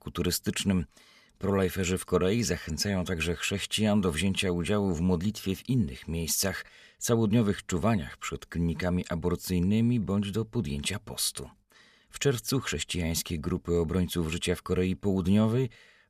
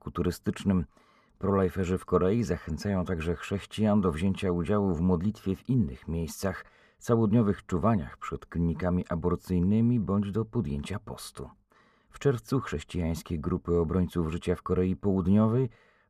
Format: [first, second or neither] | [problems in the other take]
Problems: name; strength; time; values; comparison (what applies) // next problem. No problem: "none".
first | muffled; slightly; fading above 2 kHz